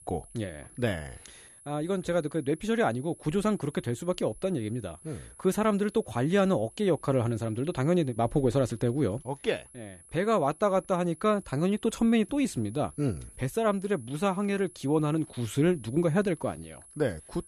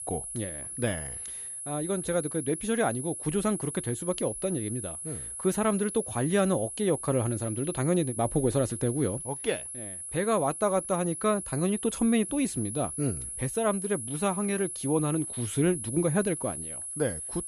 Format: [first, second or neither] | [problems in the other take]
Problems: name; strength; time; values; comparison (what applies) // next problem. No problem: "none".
first | high-pitched whine; loud; throughout; 10.5 kHz, 6 dB below the speech; faint in the first